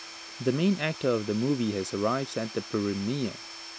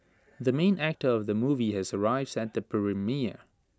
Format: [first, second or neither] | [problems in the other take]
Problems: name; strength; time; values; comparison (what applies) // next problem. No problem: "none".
second | background sound (Tools / Domestic sounds, home sounds); 14 dB below the speech